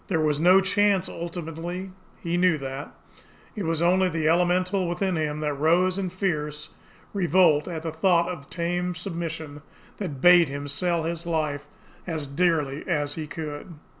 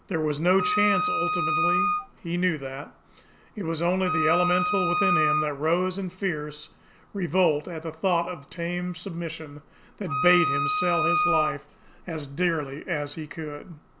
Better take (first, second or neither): first